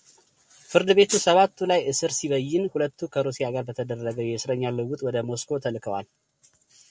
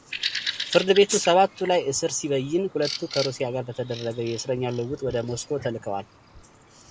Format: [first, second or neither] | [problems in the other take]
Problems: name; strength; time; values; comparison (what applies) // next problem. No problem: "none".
first | background sound (Bird vocalization, bird call, bird song); 11 dB below the speech